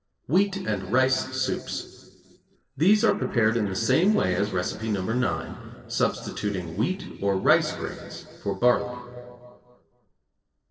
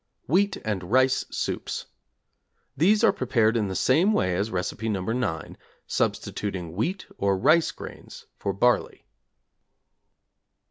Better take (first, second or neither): second